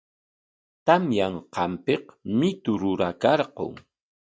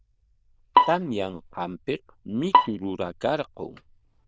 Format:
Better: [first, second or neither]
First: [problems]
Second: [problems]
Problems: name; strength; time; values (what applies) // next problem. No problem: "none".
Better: first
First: none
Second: noise reduction (neural diffusion model UNIVERSE++)